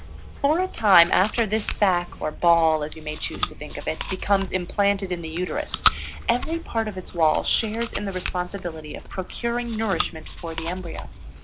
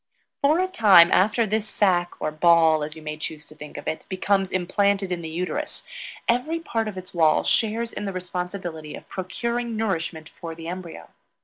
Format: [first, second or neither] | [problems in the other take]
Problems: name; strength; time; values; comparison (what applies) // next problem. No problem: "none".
second | background sound (Chewing, mastication); 8 dB below the speech